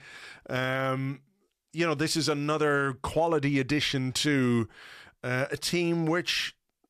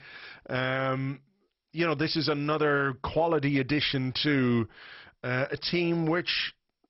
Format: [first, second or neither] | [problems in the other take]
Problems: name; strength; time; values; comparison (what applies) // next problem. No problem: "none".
first | garbled, watery; badly; nothing above 5.5 kHz